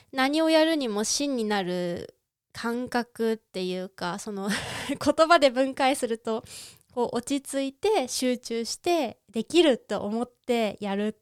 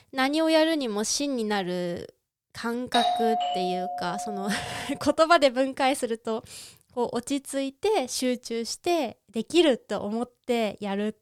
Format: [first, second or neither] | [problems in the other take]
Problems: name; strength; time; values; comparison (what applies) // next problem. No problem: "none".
first | doorbell; loud; from 3 to 4.5 s; peak 2 dB above the speech